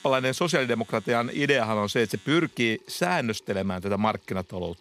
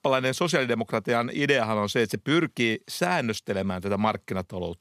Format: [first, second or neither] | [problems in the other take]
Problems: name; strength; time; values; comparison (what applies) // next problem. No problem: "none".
second | household noises; faint; throughout; 25 dB below the speech